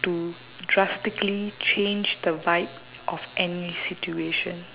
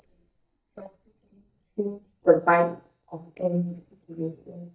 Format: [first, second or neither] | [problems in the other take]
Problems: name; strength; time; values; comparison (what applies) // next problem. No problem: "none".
first | noise reduction (neural mask model DeepFilterNet 3)